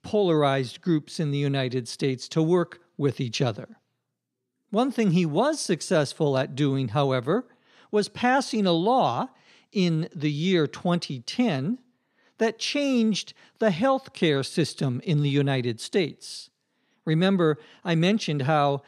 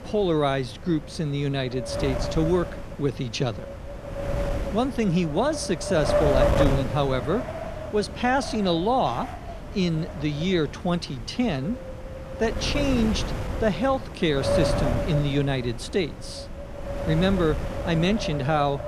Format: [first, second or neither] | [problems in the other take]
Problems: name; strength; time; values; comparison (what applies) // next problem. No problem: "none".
first | wind noise on the microphone; heavy; 4 dB below the speech